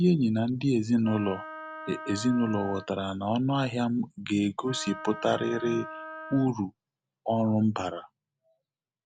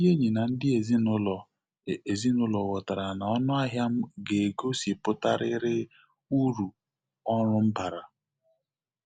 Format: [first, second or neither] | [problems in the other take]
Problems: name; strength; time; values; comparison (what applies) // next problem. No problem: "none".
second | background sound (Wind instrument, woodwind instrument); 13 dB below the speech